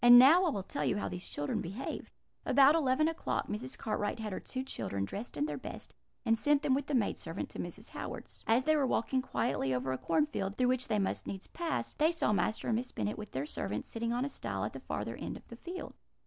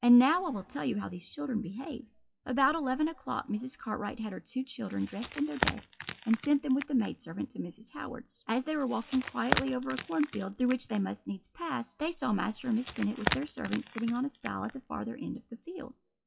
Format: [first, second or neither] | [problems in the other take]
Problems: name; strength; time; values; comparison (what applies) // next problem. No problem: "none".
first | noise reduction (classical method WPE with log-MMSE)